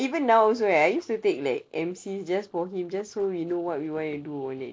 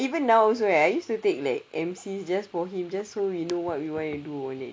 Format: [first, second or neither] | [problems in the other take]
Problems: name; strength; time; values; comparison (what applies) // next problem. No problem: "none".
second | noise reduction (neural separator model SepFormer DNS4)